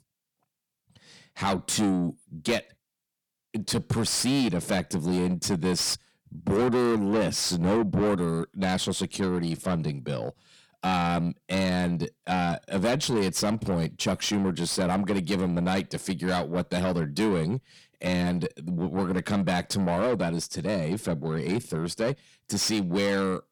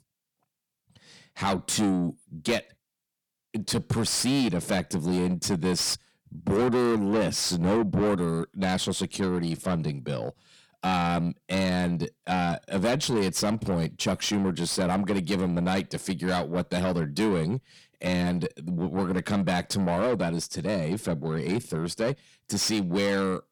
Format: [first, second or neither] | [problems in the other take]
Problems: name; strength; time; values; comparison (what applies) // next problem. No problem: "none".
neither | distortion; heavy; 7 dB below the speech; the same in both